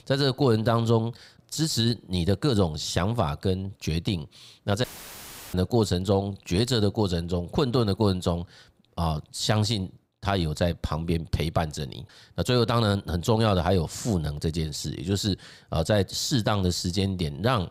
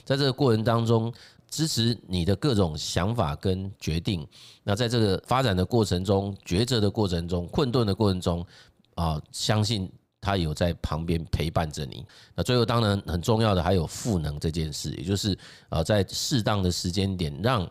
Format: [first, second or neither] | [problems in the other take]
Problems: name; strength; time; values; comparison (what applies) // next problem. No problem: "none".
second | audio cutting out; filled with static; at 5 s for 0.5 s